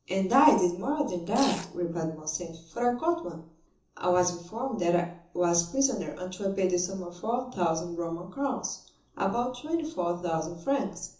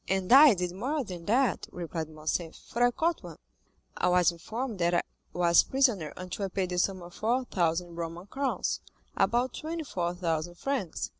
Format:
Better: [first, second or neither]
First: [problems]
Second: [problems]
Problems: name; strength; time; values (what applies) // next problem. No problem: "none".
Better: second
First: background sound (Domestic sounds, home sounds); 12 dB below the speech // room echo; dies away in 0.7 s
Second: none